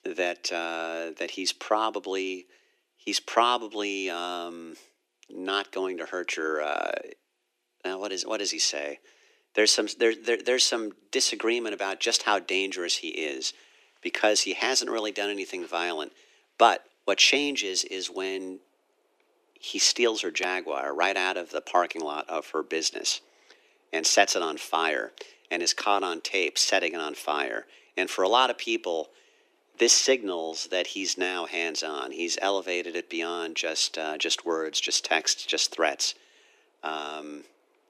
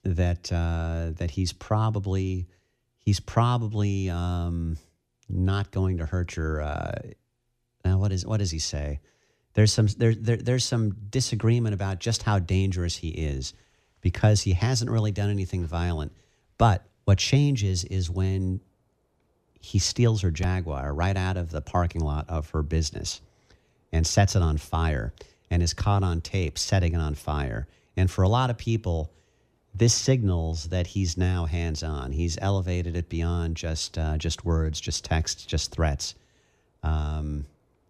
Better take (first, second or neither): second